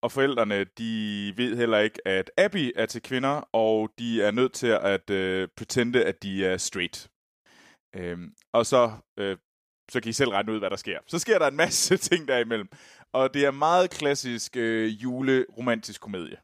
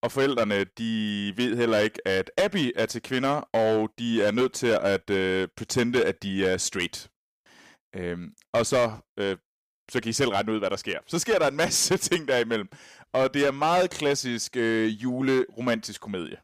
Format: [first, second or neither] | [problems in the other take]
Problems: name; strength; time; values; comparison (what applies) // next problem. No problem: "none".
first | distortion; slight; 7% of the sound clipped